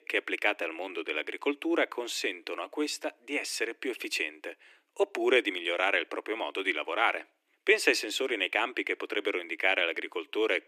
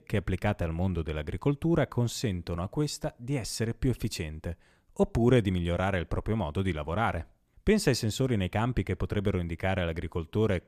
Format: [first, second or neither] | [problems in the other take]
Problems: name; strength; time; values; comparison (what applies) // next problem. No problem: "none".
second | thin; very; fading below 300 Hz